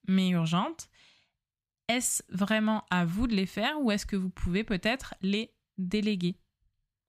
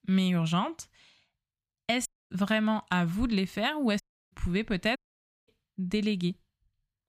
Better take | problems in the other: first | audio cutting out; at 2 s, at 4 s and at 5 s for 0.5 s

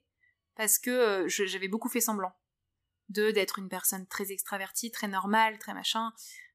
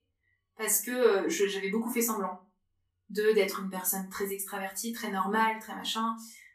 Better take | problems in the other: first | room echo; slight; dies away in 0.2 s // off-mic speech; far

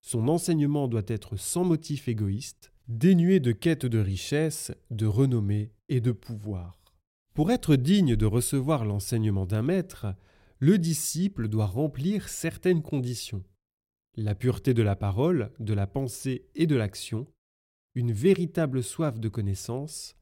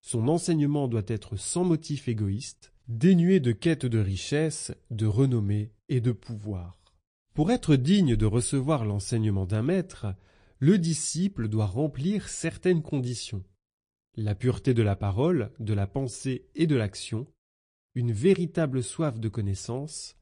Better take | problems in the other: first | garbled, watery; slightly; nothing above 9 kHz

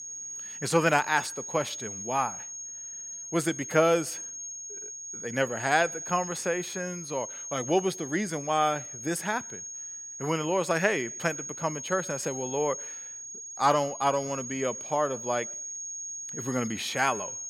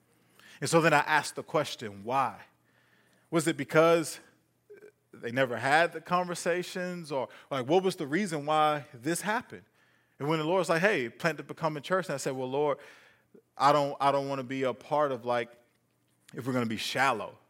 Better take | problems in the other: second | high-pitched whine; loud; throughout; 6.5 kHz, 8 dB below the speech

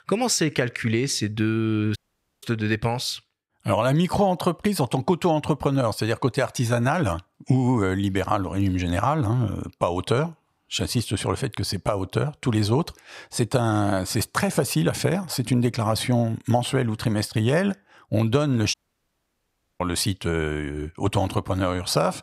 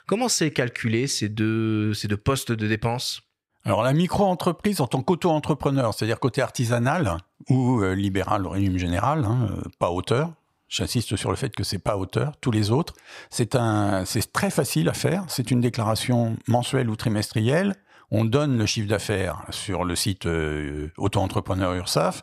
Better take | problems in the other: second | audio cutting out; at 2 s and at 19 s for 1 s

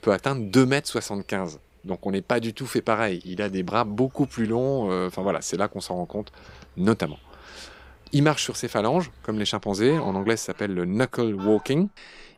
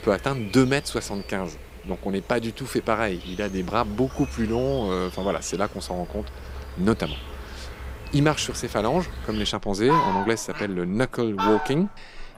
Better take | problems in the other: first | animal sounds; loud; throughout; 8 dB below the speech; faint in the first

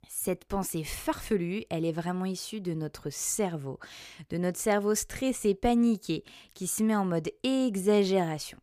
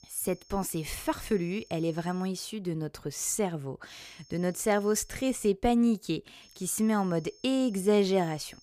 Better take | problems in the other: first | high-pitched whine; faint; until 2.5 s, from 4 to 5.5 s and from 6.5 s on; 5.5 kHz, 25 dB below the speech

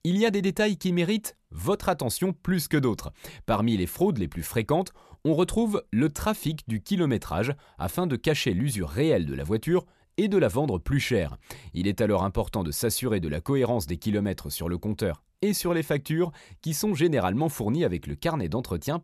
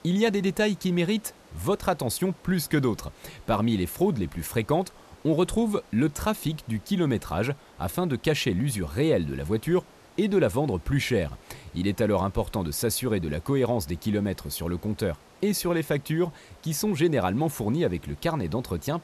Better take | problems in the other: first | hiss; faint; throughout; 25 dB below the speech

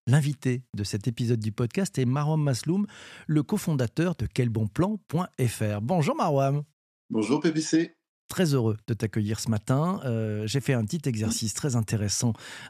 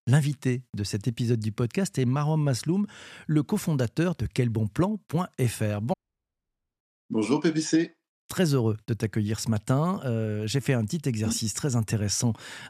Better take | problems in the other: first | audio cutting out; at 6 s for 1 s

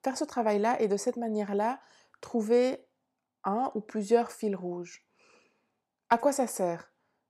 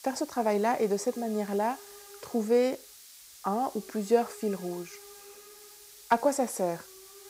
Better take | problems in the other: first | hiss; noticeable; throughout; 20 dB below the speech

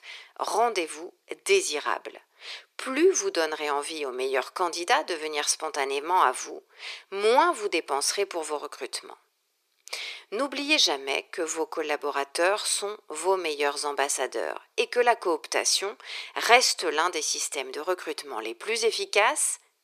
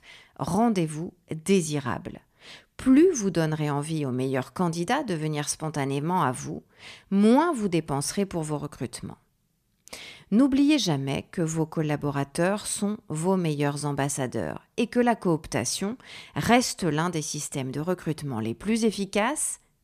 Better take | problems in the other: second | thin; very; fading below 400 Hz

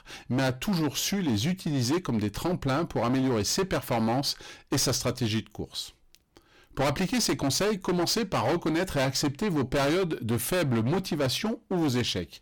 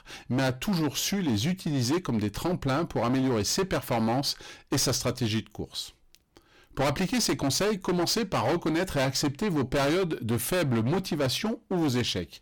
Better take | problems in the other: neither | distortion; heavy; 20% of the sound clipped; the same in both

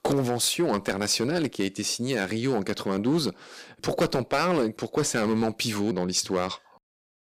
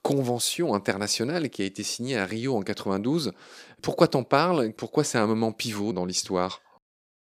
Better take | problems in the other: second | distortion; heavy; 5% of the sound clipped

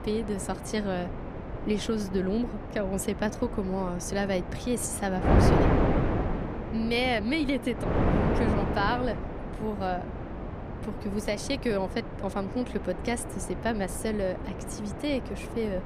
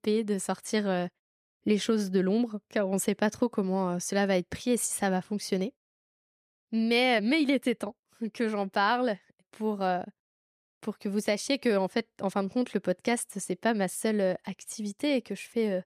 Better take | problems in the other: second | wind noise on the microphone; heavy; 3 dB below the speech

